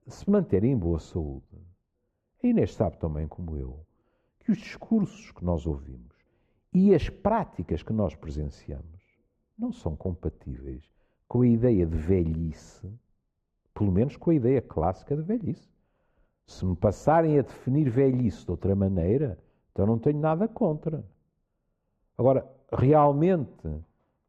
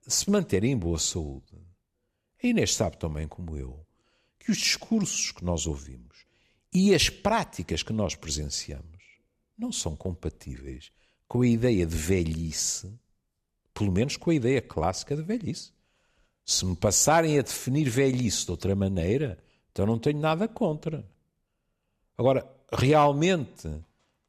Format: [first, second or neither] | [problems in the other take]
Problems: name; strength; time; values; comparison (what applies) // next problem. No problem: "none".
second | muffled; very; fading above 2.5 kHz